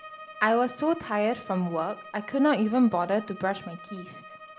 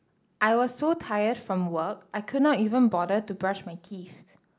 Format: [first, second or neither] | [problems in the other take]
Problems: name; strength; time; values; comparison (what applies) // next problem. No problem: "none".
second | background sound (Bowed string instrument); 18 dB below the speech